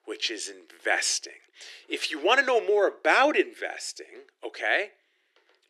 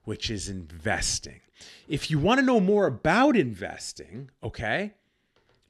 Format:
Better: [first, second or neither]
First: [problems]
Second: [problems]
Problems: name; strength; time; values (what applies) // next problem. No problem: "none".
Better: second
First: thin; very; fading below 350 Hz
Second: none